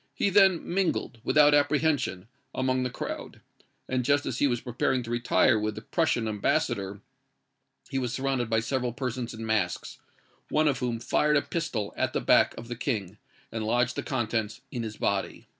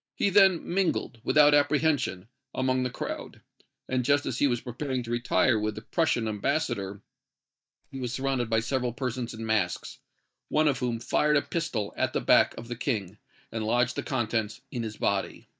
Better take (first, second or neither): first